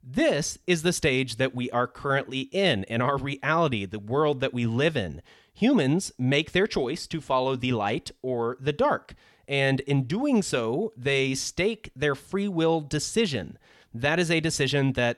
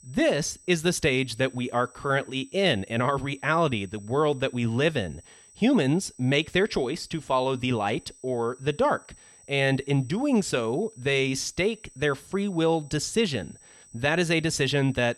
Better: first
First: none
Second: high-pitched whine; faint; throughout; 8 kHz, 25 dB below the speech

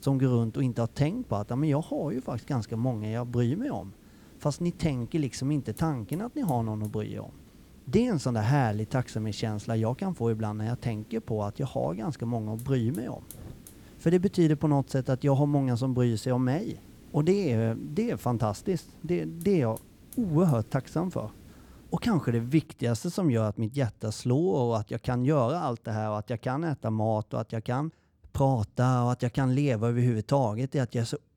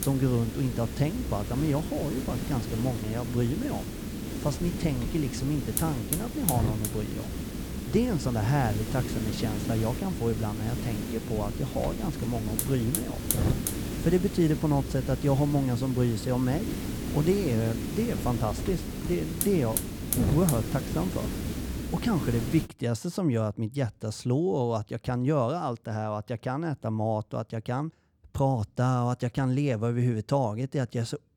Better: first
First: hiss; faint; until 23 s; 25 dB below the speech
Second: hiss; loud; until 23 s; 4 dB below the speech

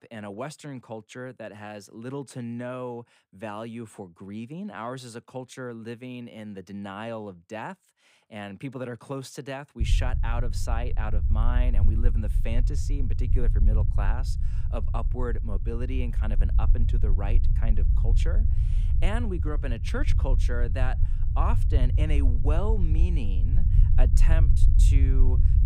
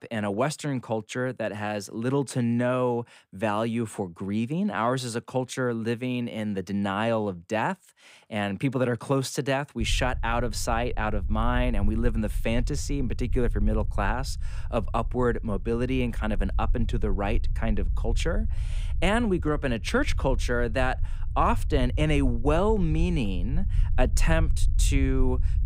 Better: second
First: low rumble; loud; from 10 s on; 7 dB below the speech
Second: low rumble; faint; from 10 s on; 20 dB below the speech

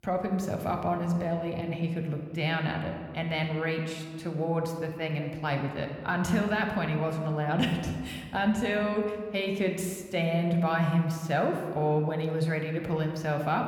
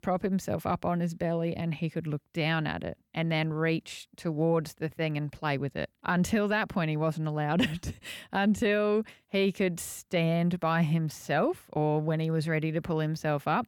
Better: second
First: room echo; slight; dies away in 1.4 s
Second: none

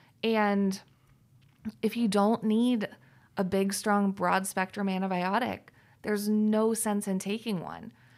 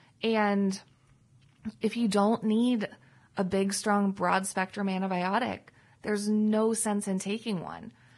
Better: first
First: none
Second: garbled, watery; badly; nothing above 10.5 kHz

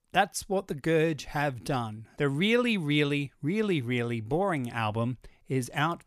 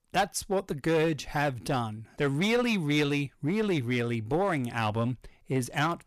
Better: first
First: none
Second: distortion; slight; 7% of the sound clipped

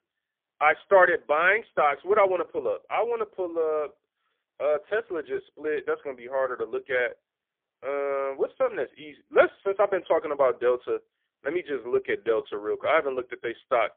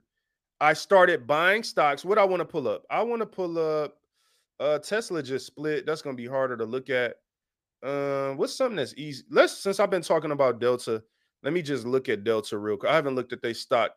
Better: second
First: phone-call audio; poor line; nothing above 3.5 kHz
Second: none

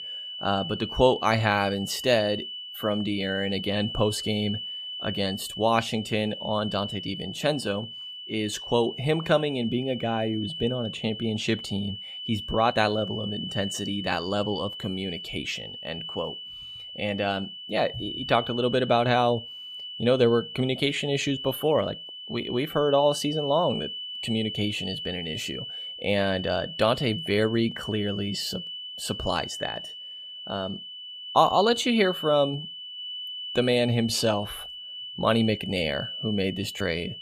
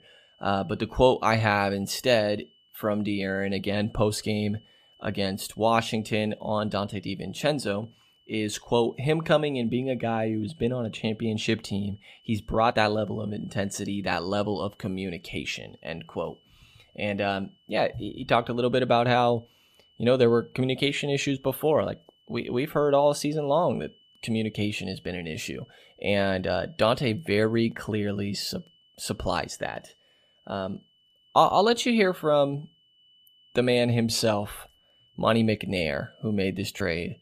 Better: second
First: high-pitched whine; loud; throughout; 3 kHz, 8 dB below the speech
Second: high-pitched whine; faint; throughout; 3 kHz, 35 dB below the speech

